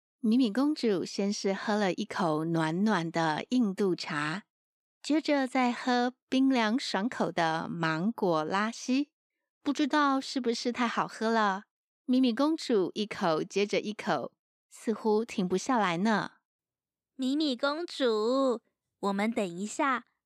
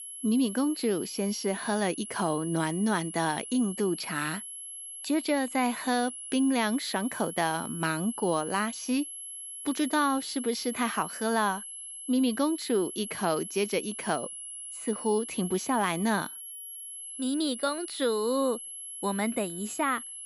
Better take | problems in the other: first | high-pitched whine; loud; throughout; 11 kHz, 9 dB below the speech

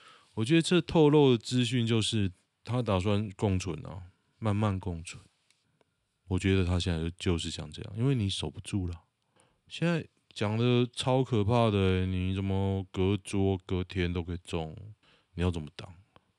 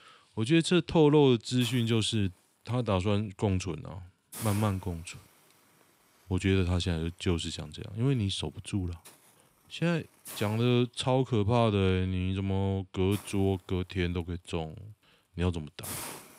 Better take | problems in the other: first | hiss; noticeable; throughout; 15 dB below the speech

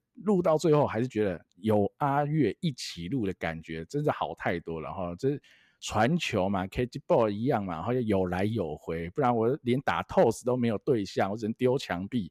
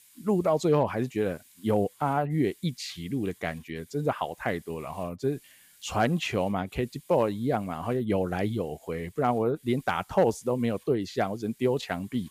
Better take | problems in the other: first | hiss; faint; throughout; 25 dB below the speech

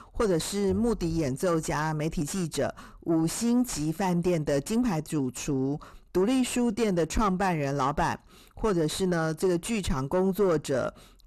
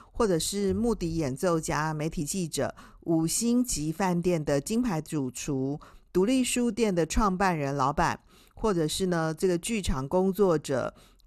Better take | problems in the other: second | distortion; slight; 10 dB below the speech

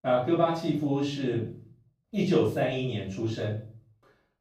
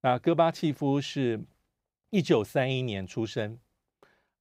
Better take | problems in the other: second | off-mic speech; far // room echo; noticeable; dies away in 0.4 s

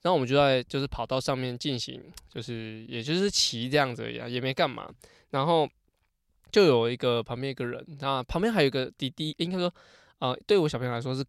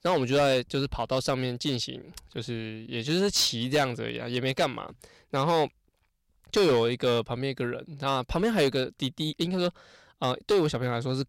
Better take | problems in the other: first | distortion; slight; 6% of the sound clipped

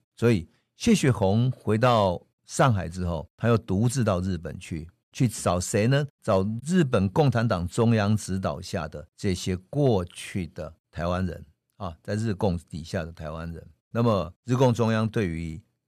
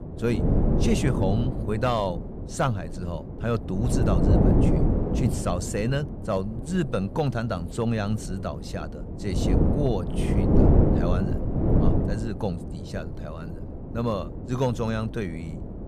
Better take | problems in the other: first | wind noise on the microphone; heavy; as loud as the speech

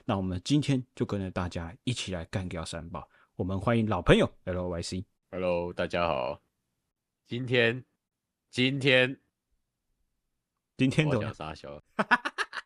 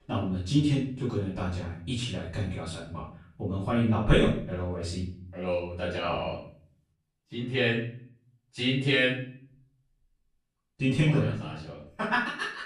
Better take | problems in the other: first | off-mic speech; far // room echo; noticeable; dies away in 0.5 s

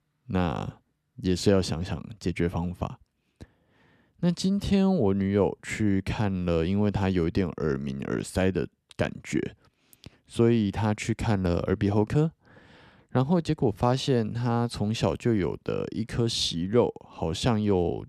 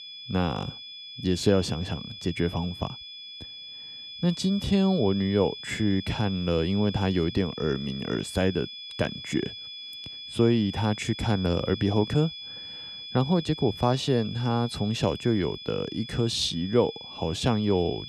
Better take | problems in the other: first | high-pitched whine; noticeable; throughout; 3.5 kHz, 10 dB below the speech

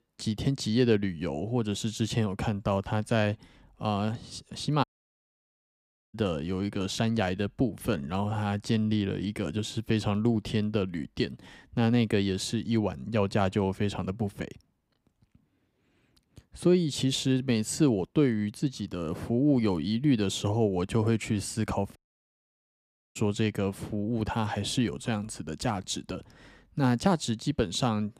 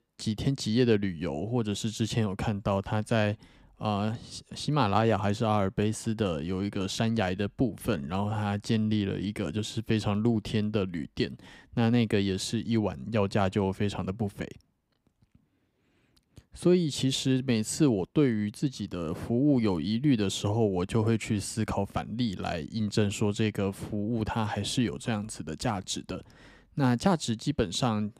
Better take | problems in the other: second | audio cutting out; at 5 s for 1.5 s and at 22 s for 1 s

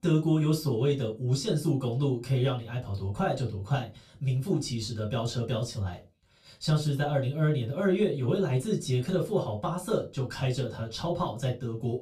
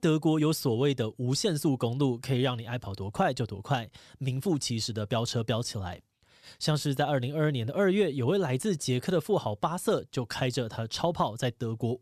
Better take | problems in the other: second | off-mic speech; far // room echo; very slight; dies away in 0.2 s

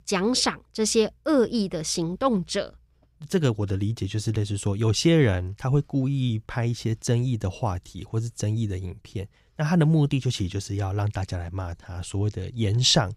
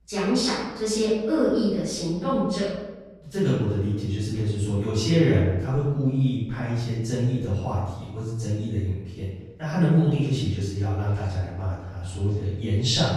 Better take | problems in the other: first | off-mic speech; far // room echo; strong; dies away in 1 s

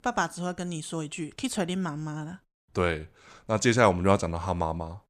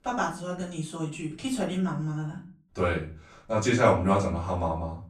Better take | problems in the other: first | off-mic speech; far // room echo; slight; dies away in 0.3 s

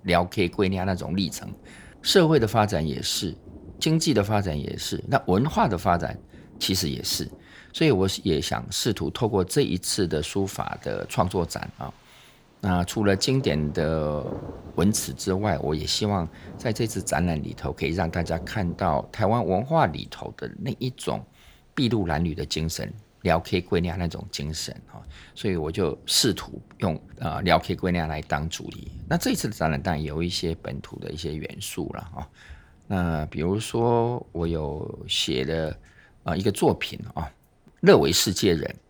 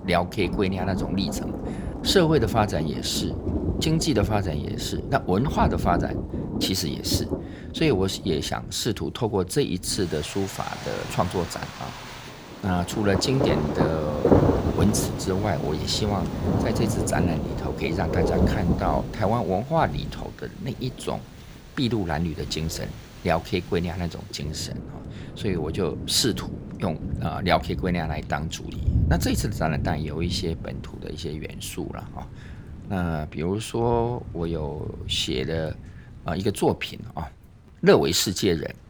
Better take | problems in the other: first | rain or running water; loud; throughout; 4 dB below the speech; faint in the first

